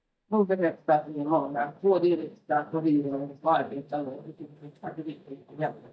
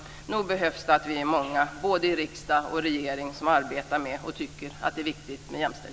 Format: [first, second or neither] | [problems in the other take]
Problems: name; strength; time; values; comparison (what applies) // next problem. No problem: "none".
second | noise reduction (neural mask model DeepFilterNet 3)